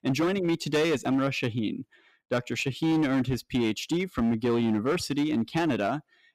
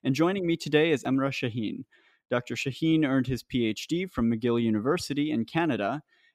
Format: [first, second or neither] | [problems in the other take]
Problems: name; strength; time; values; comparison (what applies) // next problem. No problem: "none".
second | distortion; slight; 12% of the sound clipped